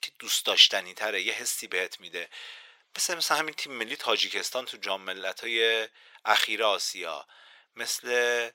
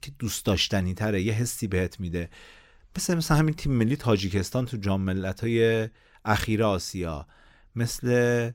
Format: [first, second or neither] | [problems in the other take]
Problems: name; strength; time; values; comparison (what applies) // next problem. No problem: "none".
second | thin; very; fading below 600 Hz